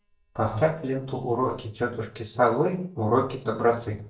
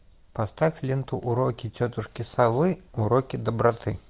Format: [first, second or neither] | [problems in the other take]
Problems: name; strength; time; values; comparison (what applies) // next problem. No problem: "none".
second | noise reduction (neural mask model DeepFilterNet 3)